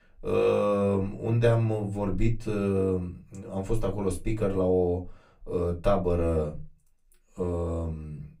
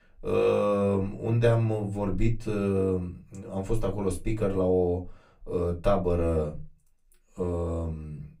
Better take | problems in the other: neither | off-mic speech; far; the same in both // room echo; very slight; dies away in 0.2 s; the same in both

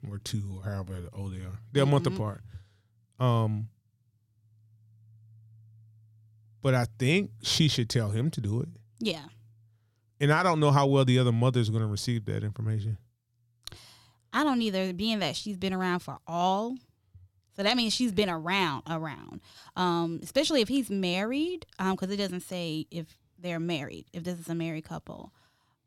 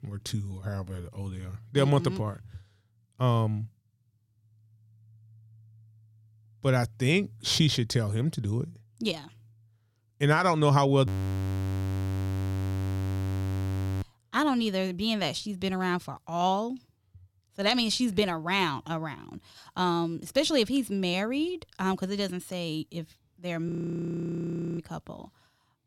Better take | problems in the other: first | audio freezing; at 11 s for 3 s and at 24 s for 1 s

